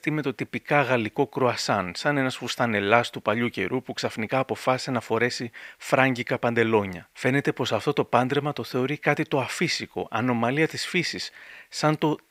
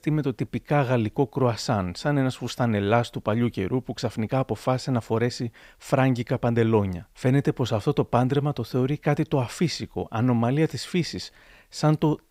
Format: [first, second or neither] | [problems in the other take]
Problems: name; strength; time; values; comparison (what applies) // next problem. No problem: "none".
second | thin; very slightly; fading below 350 Hz